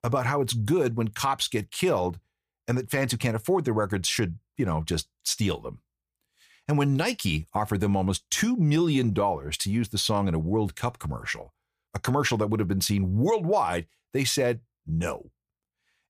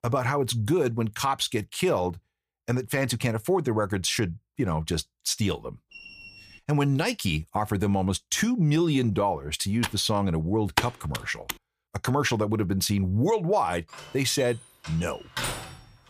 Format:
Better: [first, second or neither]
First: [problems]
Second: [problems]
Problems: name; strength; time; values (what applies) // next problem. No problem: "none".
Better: first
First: none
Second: alarm; faint; at 6 s; peak 15 dB below the speech // keyboard typing; noticeable; from 10 to 12 s; peak 1 dB below the speech // door banging; noticeable; from 14 s on; peak 4 dB below the speech